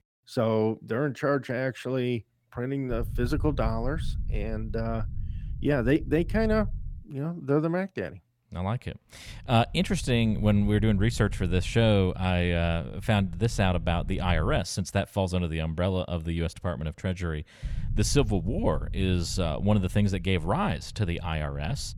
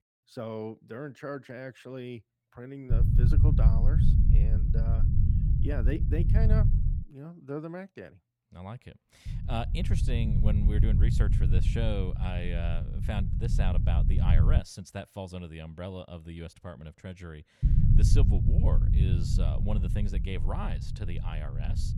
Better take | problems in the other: first | low rumble; loud; from 3 to 7 s, from 9.5 to 15 s and from 18 s on; 1 dB below the speech; faint in the first

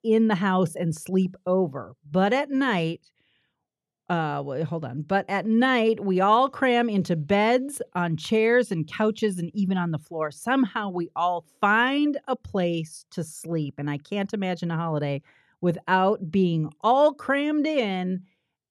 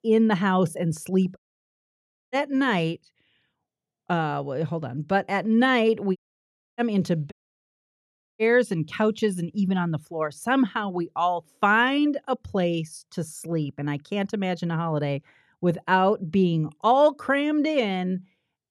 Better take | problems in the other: first | audio cutting out; at 1.5 s for 1 s, at 6 s for 0.5 s and at 7.5 s for 1 s

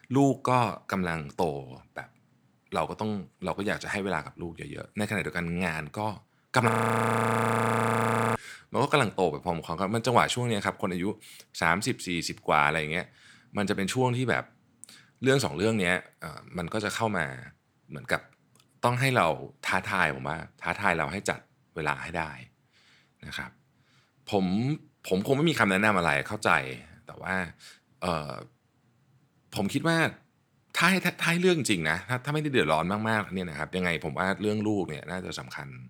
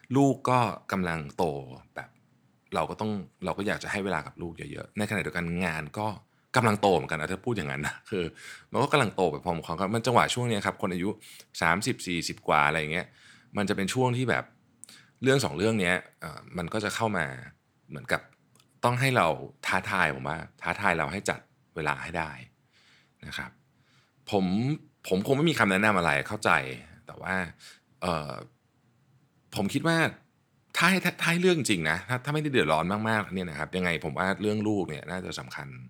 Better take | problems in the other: second | audio freezing; at 6.5 s for 1.5 s

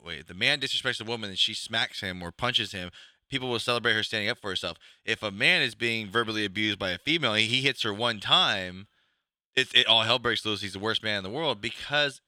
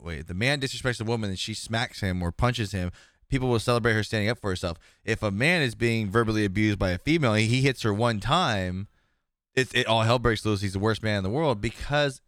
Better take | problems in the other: second | thin; somewhat; fading below 600 Hz

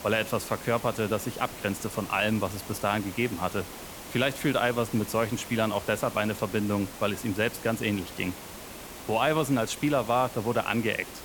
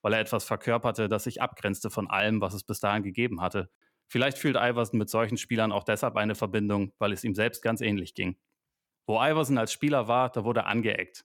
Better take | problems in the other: second | hiss; noticeable; throughout; 10 dB below the speech

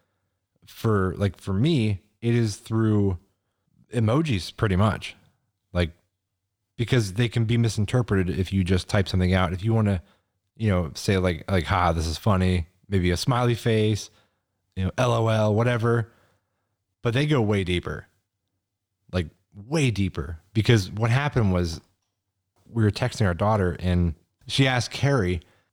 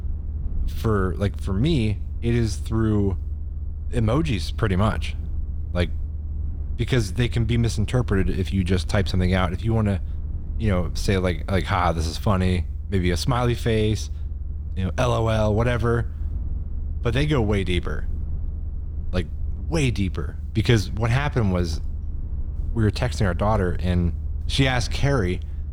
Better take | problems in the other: first | low rumble; faint; throughout; 20 dB below the speech

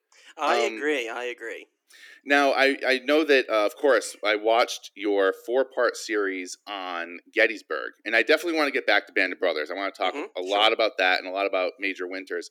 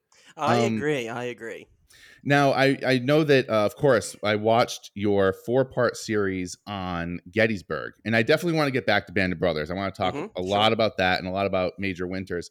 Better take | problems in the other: second | thin; somewhat; fading below 300 Hz

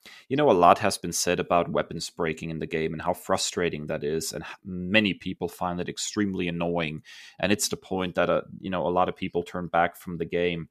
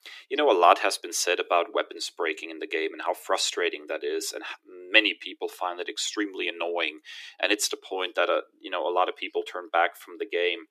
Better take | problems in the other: first | thin; very; fading below 300 Hz

